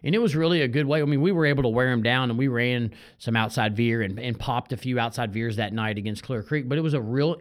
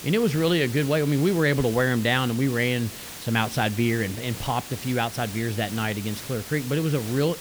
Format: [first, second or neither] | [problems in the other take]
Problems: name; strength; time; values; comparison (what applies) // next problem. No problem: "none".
first | hiss; noticeable; throughout; 10 dB below the speech